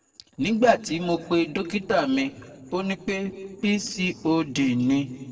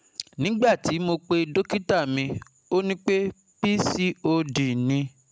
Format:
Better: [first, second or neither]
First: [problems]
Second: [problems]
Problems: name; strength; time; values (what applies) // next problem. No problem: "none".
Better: second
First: noise reduction (neural separator model SepFormer DNS4)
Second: none